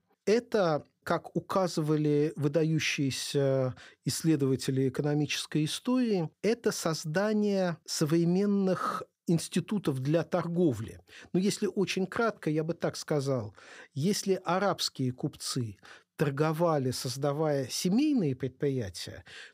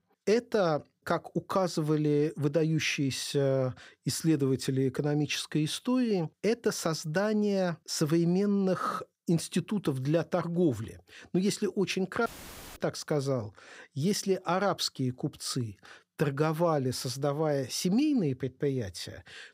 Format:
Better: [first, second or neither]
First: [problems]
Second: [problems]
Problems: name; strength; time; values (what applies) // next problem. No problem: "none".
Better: first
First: none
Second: audio cutting out; filled with static; at 12 s for 0.5 s